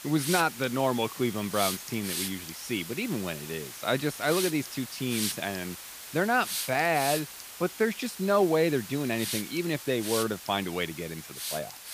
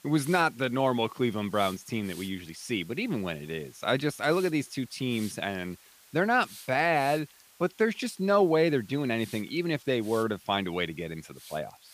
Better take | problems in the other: second | hiss; loud; throughout; 6 dB below the speech; faint in the second

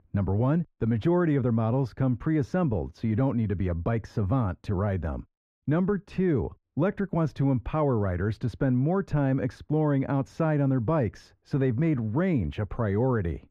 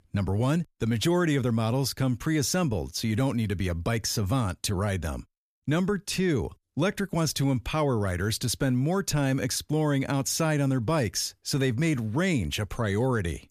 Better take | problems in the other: second | muffled; very; fading above 3.5 kHz

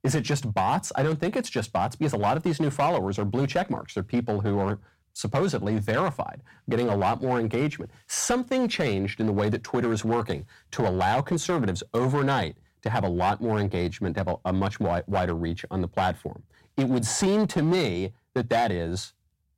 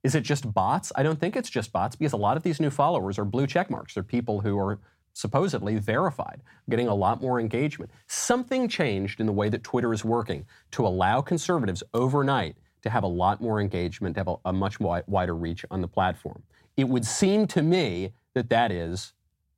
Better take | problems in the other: second | distortion; slight; 6% of the sound clipped

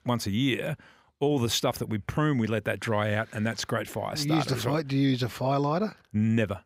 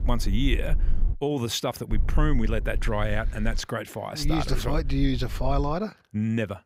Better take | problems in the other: first | low rumble; faint; until 1 s, from 2 to 3.5 s and from 4 to 5.5 s; 20 dB below the speech

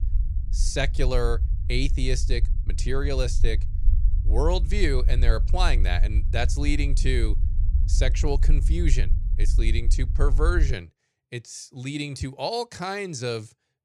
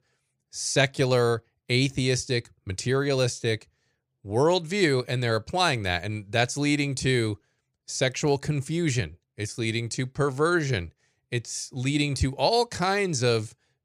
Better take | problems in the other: second | low rumble; noticeable; until 11 s; 15 dB below the speech

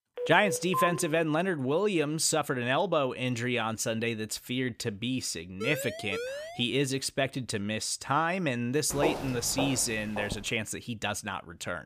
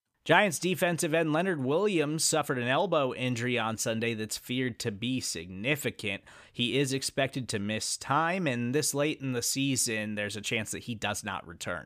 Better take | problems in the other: second | phone ringing; noticeable; at the start; peak 1 dB below the speech // siren; noticeable; from 5.5 to 6.5 s; peak 7 dB below the speech // footsteps; noticeable; from 9 to 10 s; peak 2 dB below the speech

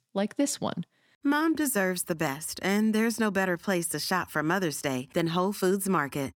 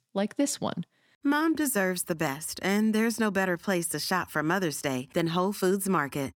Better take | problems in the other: neither | none

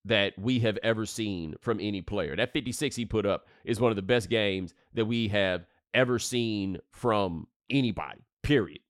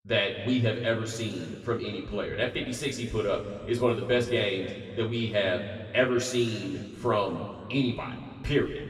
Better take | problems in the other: first | room echo; noticeable; dies away in 2 s // off-mic speech; somewhat distant

